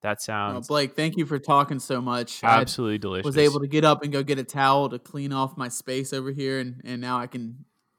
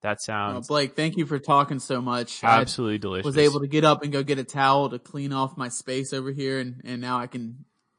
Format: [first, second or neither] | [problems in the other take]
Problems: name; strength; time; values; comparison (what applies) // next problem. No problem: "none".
first | garbled, watery; slightly; nothing above 9 kHz